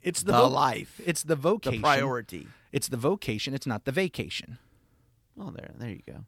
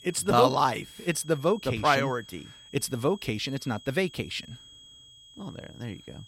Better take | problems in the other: first | high-pitched whine; faint; throughout; 3.5 kHz, 20 dB below the speech

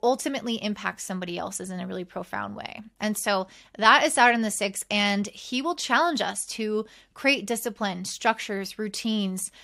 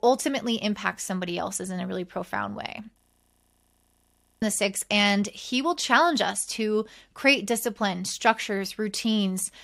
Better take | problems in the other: first | audio freezing; at 3 s for 1.5 s

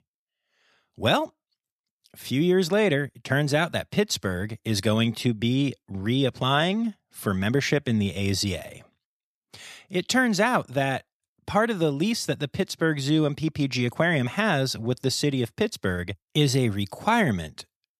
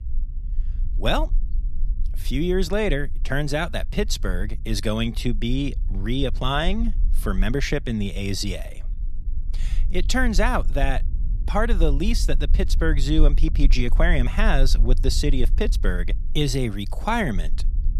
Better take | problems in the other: first | low rumble; faint; throughout; 25 dB below the speech

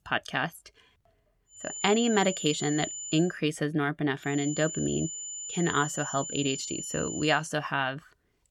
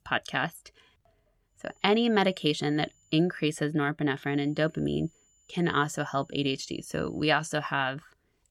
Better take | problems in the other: second | high-pitched whine; loud; from 1.5 to 3 s and from 4.5 to 7.5 s; 7 kHz, 7 dB below the speech; faint in the second

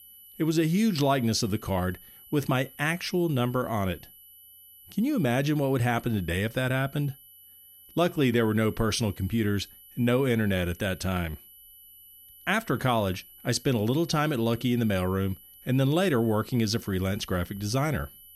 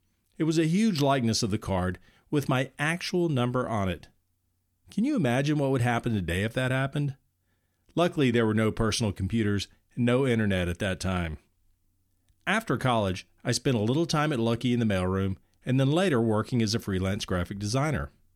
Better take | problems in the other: second | high-pitched whine; faint; throughout; 12 kHz, 20 dB below the speech

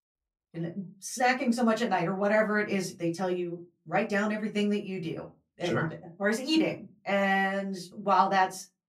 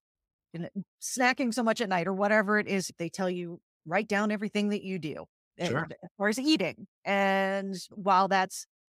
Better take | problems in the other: second | off-mic speech; far // room echo; very slight; dies away in 0.2 s

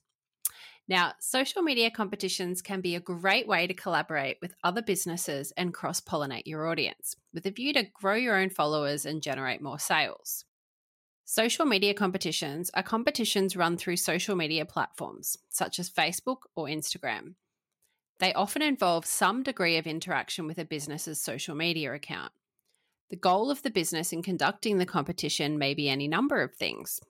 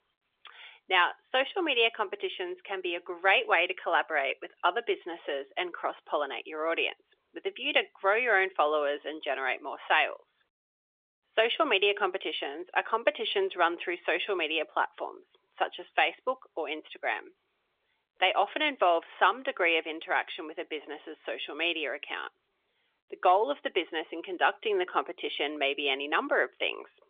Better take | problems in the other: first | phone-call audio; nothing above 3.5 kHz

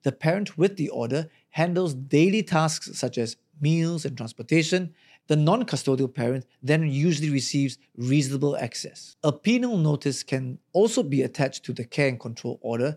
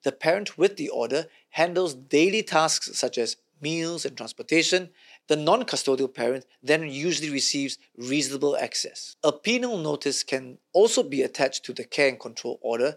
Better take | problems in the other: first | thin; somewhat; fading below 450 Hz

